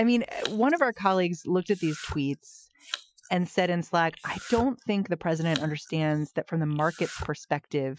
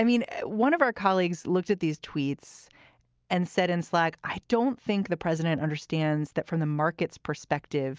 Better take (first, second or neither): second